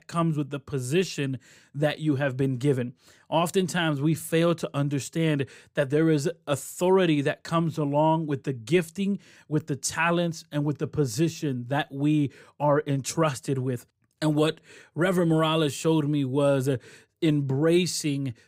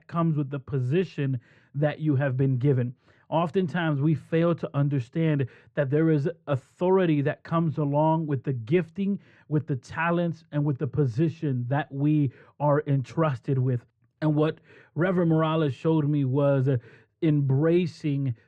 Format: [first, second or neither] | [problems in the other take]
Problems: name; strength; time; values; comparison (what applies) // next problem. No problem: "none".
first | muffled; very; fading above 2 kHz